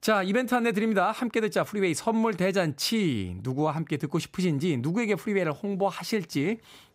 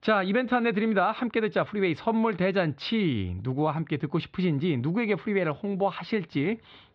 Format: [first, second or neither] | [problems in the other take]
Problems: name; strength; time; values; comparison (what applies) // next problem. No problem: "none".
first | muffled; slightly; fading above 4 kHz